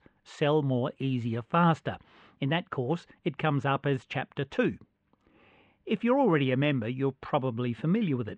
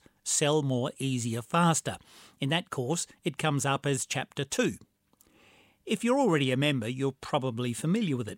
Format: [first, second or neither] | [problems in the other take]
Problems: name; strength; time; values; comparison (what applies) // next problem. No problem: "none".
second | muffled; very; fading above 2.5 kHz